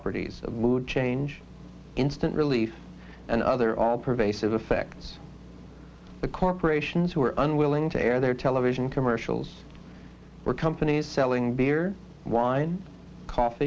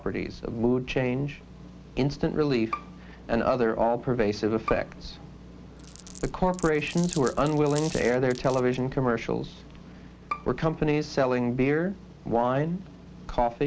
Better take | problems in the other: first | background sound (Bowed string instrument + Glass); 16 dB below the speech

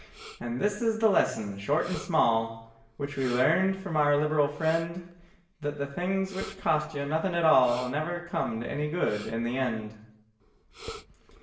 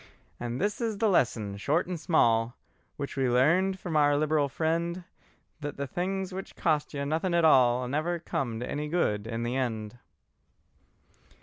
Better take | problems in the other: second | background sound (Respiratory sounds); 20 dB below the speech // room echo; dies away in 0.7 s

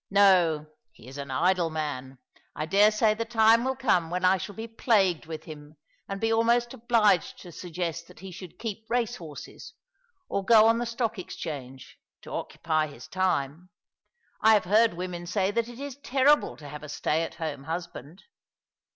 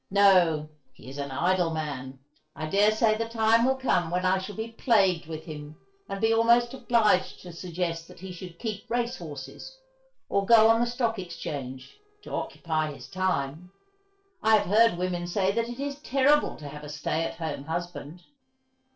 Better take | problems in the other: first | noise reduction (neural separator model SepFormer DNS4)

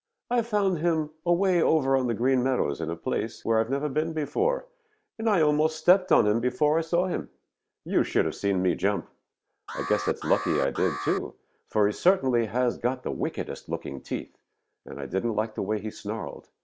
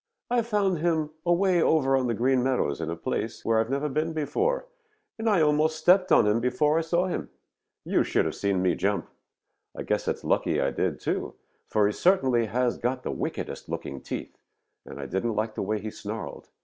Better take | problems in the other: second | background sound (Alarm); 8 dB below the speech

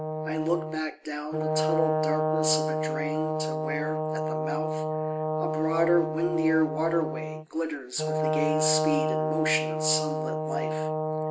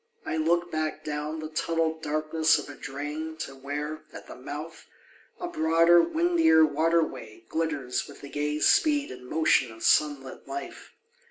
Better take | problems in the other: second | background sound (Brass instrument); 2 dB above the speech

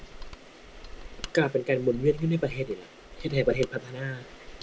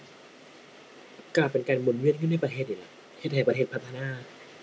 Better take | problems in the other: second | background sound (Mechanisms); 14 dB below the speech

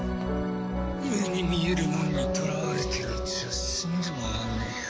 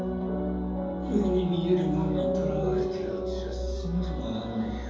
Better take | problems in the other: first | room echo; dies away in 2.8 s

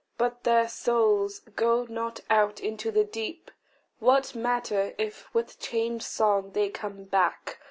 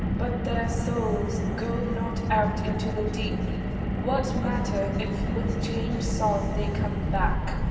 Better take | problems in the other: first | background sound (Car); 4 dB above the speech // room echo; dies away in 2.4 s

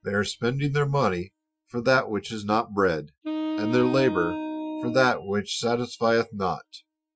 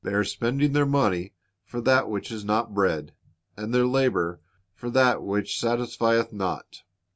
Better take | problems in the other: second | noise reduction (classical method Wiener filter)

